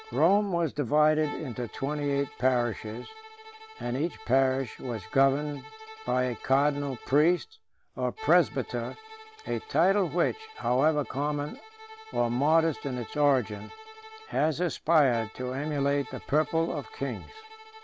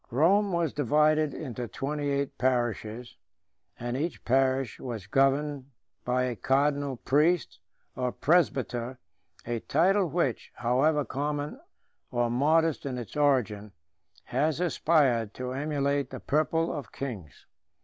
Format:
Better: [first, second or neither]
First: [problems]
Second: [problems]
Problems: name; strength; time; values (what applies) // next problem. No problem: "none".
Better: second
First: background sound (Bowed string instrument); 18 dB below the speech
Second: none